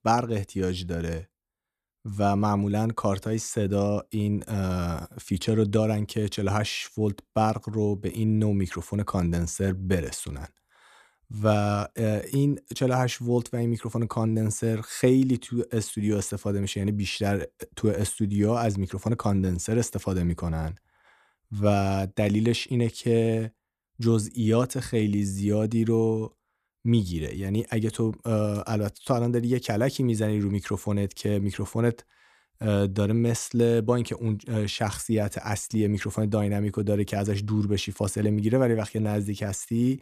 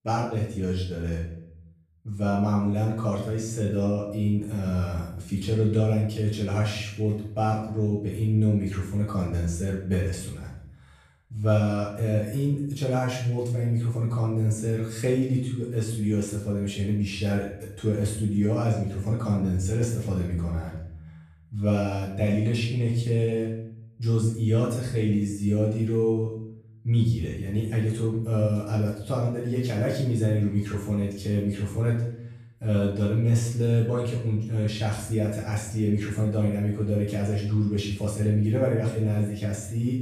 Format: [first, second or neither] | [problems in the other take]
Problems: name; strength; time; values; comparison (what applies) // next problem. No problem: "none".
first | off-mic speech; far // room echo; noticeable; dies away in 0.7 s